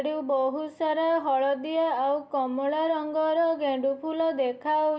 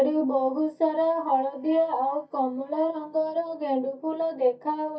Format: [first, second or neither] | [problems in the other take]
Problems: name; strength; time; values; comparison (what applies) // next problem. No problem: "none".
first | noise reduction (neural mask model DeepFilterNet 3)